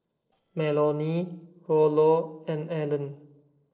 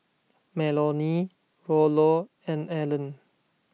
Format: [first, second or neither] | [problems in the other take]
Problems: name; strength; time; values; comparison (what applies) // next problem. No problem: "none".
second | noise reduction (neural separator model SepFormer DNS4)